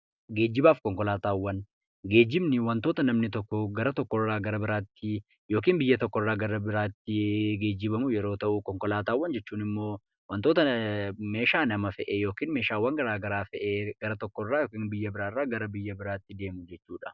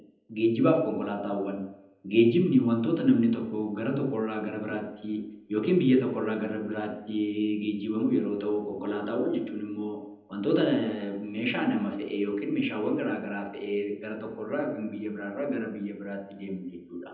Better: first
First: none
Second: room echo; dies away in 0.8 s

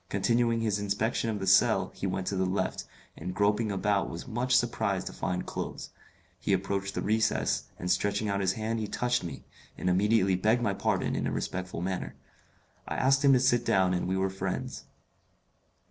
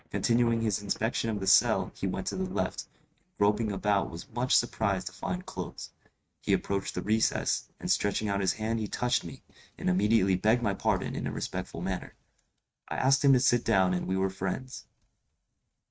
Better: first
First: none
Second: noise reduction (neural mask model RNNoise)

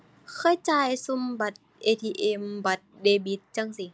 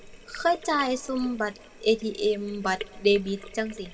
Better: first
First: none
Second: background sound (Sink (filling or washing)); 17 dB below the speech // room echo; dies away in 1.4 s

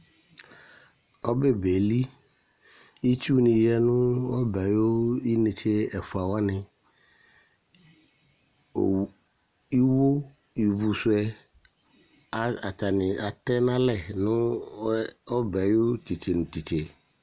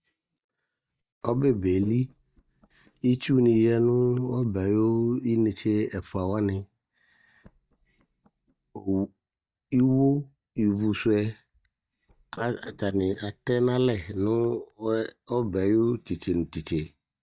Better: first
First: none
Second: noise reduction (neural mask model DeepFilterNet 3)

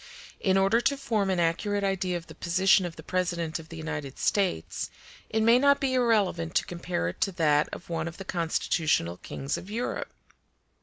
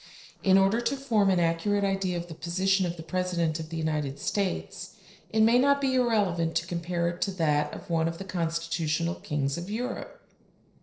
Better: first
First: none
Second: noise reduction (neural separator model SepFormer DNS4)

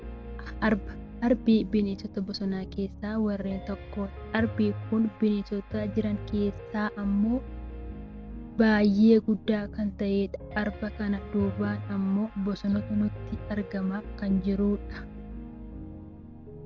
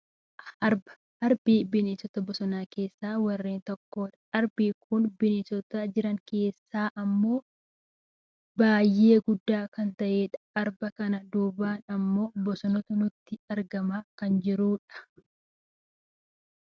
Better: second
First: background sound (Piano); 11 dB below the speech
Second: none

